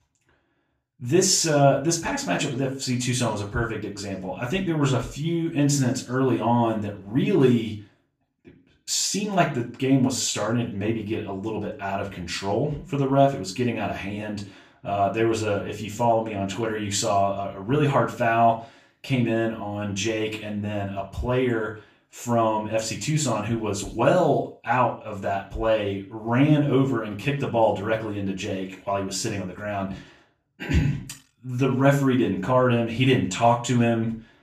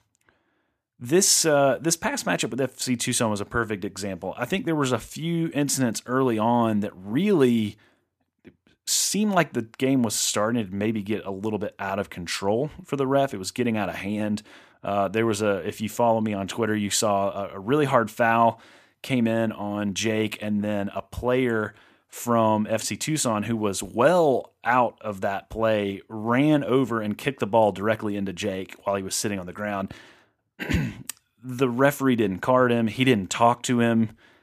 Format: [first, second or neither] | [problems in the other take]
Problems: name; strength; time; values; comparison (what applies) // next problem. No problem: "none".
second | room echo; slight; dies away in 0.4 s // off-mic speech; far